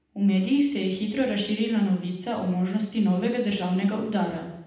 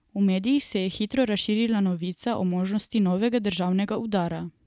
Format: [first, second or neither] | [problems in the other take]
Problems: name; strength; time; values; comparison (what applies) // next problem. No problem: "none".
second | room echo; dies away in 0.8 s